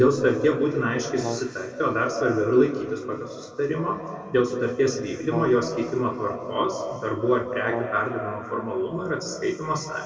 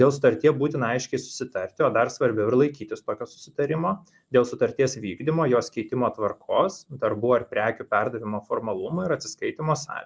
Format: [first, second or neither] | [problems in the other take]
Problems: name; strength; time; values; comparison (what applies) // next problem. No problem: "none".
second | background sound (Brass instrument); 13 dB below the speech // room echo; dies away in 2.3 s